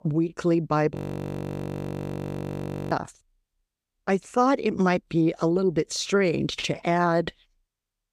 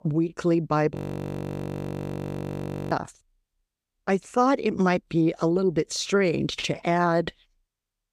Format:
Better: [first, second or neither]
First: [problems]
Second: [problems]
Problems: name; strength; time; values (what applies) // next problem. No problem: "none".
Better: neither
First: audio freezing; at 1 s for 2 s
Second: audio freezing; at 1 s for 2 s